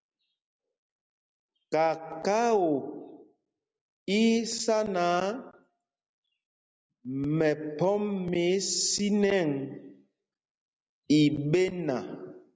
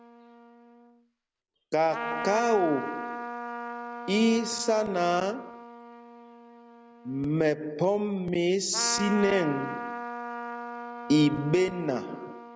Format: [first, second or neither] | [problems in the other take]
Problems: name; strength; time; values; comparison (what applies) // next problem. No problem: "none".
first | background sound (Trumpet); 10 dB below the speech